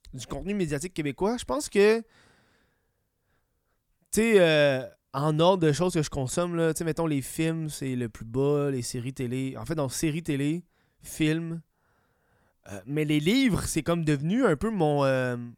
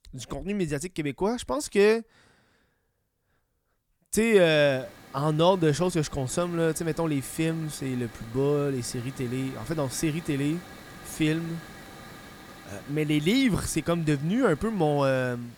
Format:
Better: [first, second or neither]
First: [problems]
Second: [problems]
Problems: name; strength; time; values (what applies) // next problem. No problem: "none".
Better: first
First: none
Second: hiss; noticeable; from 4.5 s on; 20 dB below the speech